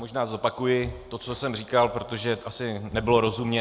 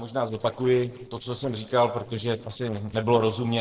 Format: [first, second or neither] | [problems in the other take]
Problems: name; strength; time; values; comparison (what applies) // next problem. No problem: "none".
first | noise reduction (neural separator model SepFormer DNS4)